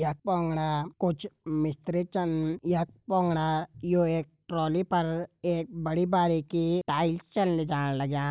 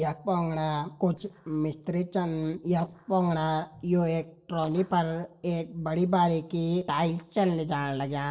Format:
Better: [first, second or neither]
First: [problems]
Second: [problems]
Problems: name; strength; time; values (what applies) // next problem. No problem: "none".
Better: first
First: none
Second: noise reduction (neural separator model SepFormer DNS4)